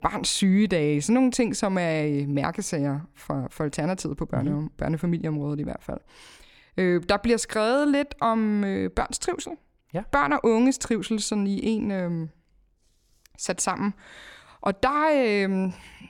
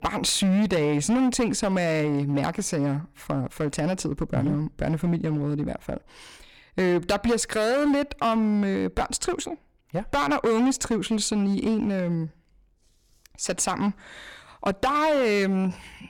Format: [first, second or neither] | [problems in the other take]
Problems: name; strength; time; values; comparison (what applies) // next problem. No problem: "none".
first | distortion; slight; 10% of the sound clipped